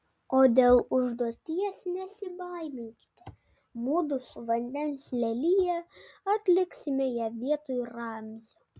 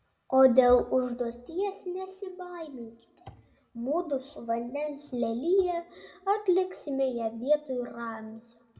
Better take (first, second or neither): first